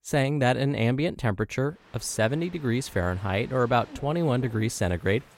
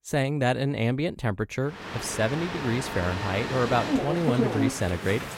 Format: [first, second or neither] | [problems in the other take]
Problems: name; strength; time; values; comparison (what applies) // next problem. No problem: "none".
first | train or aircraft noise; loud; from 2 s on; 3 dB below the speech; faint in the first